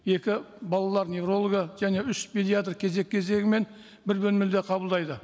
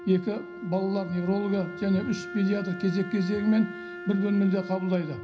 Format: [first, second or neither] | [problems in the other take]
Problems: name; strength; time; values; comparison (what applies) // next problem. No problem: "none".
first | background sound (Wind instrument, woodwind instrument); 13 dB below the speech // room echo; dies away in 0.5 s